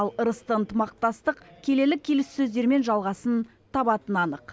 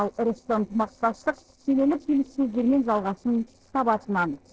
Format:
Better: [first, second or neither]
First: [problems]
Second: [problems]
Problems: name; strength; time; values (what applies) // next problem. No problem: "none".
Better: first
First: none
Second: noise reduction (neural separator model SepFormer DNS4)